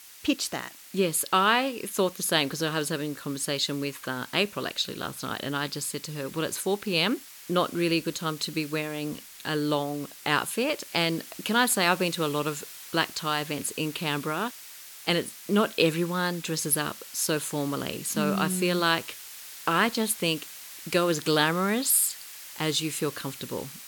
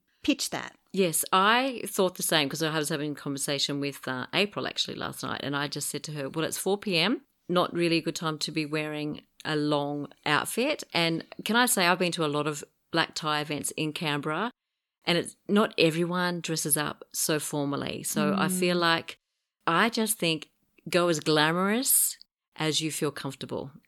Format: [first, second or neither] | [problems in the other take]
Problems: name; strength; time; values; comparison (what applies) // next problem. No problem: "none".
second | hiss; noticeable; throughout; 15 dB below the speech